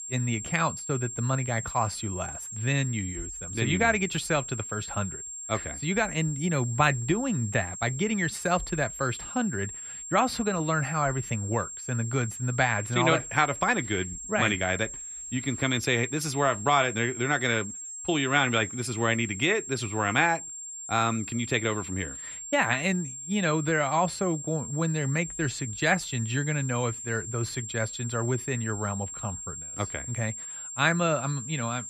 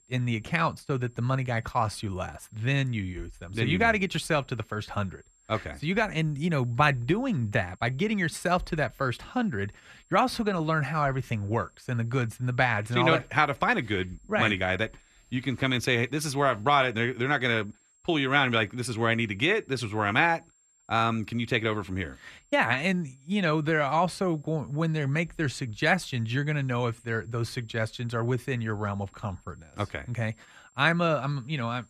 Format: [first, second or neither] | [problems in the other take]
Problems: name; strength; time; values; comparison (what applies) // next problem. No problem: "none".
second | high-pitched whine; loud; throughout; 7.5 kHz, 8 dB below the speech; faint in the second